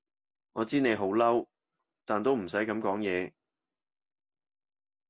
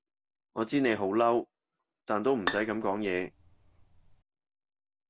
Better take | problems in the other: first | background sound (Bowed string instrument); 9 dB below the speech

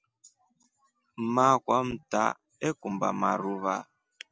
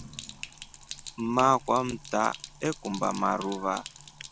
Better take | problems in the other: first | background sound (Sink (filling or washing)); 15 dB below the speech

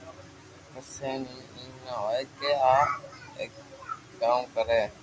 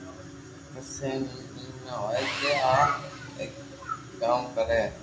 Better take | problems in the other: first | background sound (Sawing); 11 dB below the speech // room echo; dies away in 0.4 s

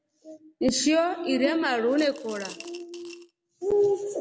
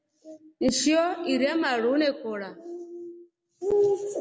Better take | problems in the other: second | background sound (Coin (dropping) / Glass + Bowed string instrument); 12 dB below the speech

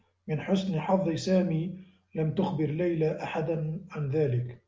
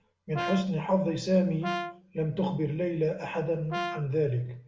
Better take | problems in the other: first | background sound (Brass instrument); 8 dB below the speech // room echo; dies away in 0.6 s

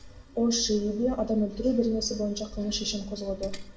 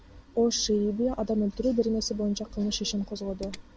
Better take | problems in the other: second | room echo; dies away in 0.5 s

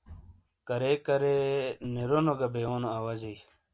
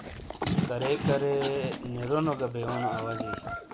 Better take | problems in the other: first | background sound (Livestock, farm animals, working animals); 3 dB below the speech

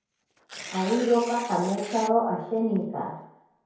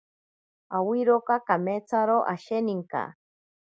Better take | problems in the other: second | background sound (Tearing); 16 dB below the speech // room echo; dies away in 0.9 s

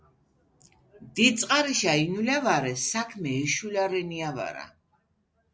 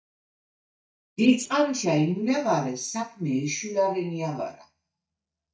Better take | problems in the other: first | noise reduction (neural mask model DeepFilterNet 3)

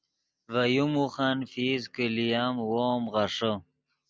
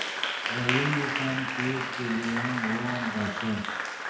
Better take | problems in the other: first | background sound (Applause); as loud as the speech // room echo; dies away in 0.6 s

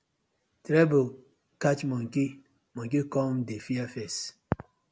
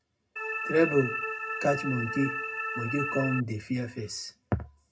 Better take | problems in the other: first | background sound (Organ); 3 dB below the speech // room echo; dies away in 0.2 s

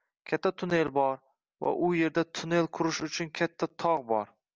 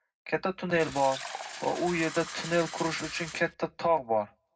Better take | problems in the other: first | background sound (Fill (with liquid)); 12 dB below the speech // room echo; dies away in 0.3 s

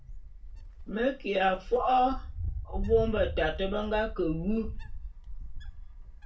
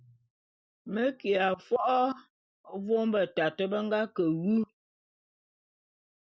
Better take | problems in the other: second | background sound (Wind); 6 dB below the speech // room echo; dies away in 0.2 s

